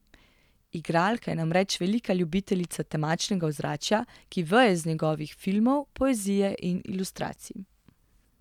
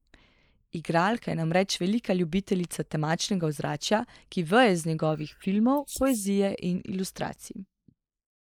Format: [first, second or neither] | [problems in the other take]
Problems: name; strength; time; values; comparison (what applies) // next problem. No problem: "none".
first | noise reduction (neural mask model Resemble Enhance denoiser)